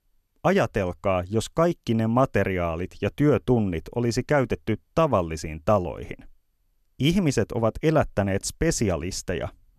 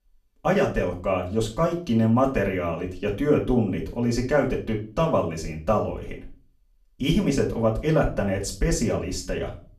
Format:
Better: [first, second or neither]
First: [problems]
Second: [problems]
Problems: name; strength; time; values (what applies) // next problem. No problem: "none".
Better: first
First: none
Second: room echo; slight; dies away in 0.3 s // off-mic speech; far